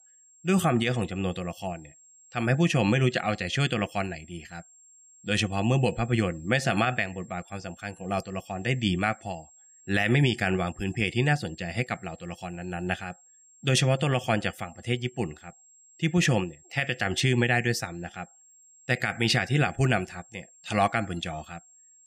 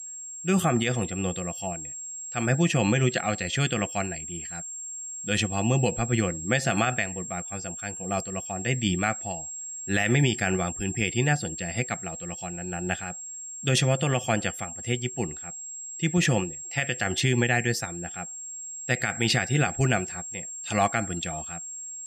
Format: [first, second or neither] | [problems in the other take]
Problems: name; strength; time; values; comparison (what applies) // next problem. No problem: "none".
first | high-pitched whine; loud; throughout; 7.5 kHz, 8 dB below the speech; faint in the first